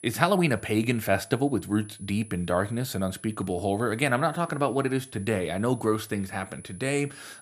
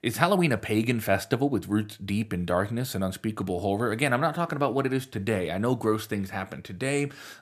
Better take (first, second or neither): second